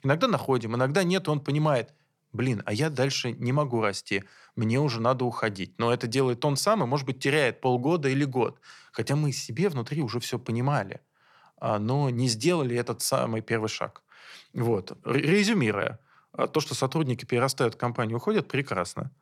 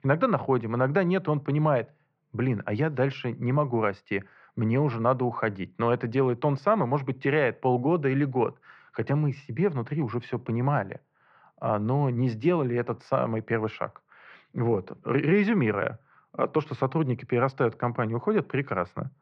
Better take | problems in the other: first | muffled; very; fading above 2 kHz

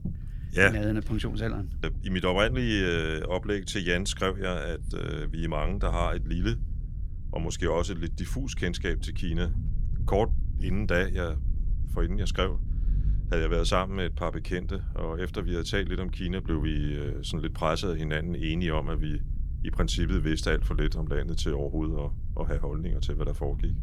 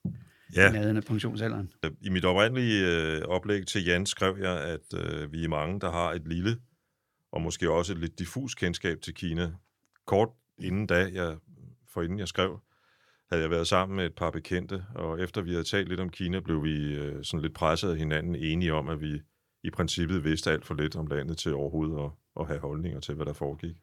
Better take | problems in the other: second | low rumble; faint; throughout; 20 dB below the speech

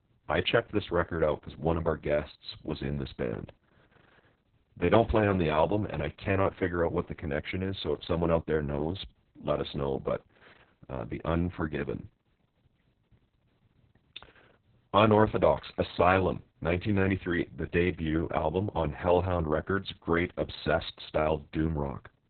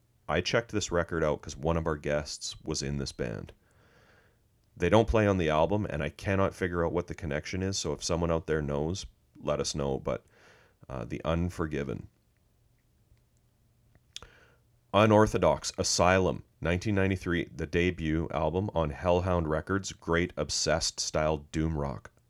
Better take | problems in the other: second | garbled, watery; badly; nothing above 4 kHz

